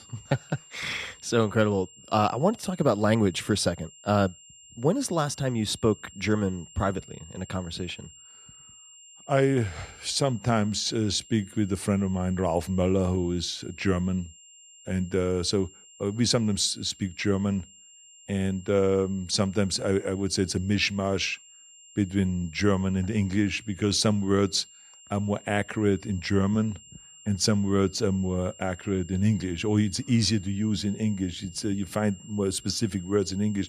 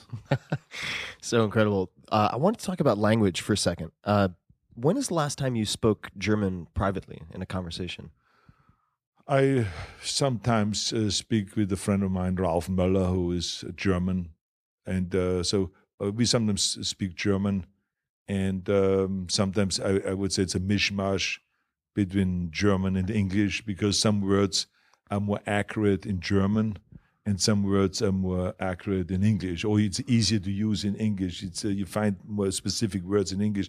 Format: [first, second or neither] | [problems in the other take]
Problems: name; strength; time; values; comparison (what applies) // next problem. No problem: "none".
second | high-pitched whine; faint; throughout; 7.5 kHz, 20 dB below the speech